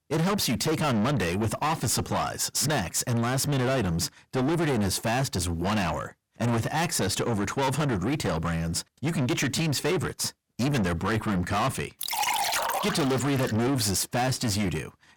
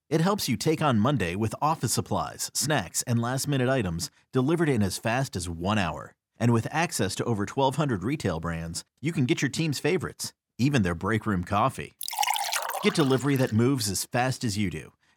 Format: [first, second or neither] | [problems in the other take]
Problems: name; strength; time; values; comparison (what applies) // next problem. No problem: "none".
second | distortion; heavy; 6 dB below the speech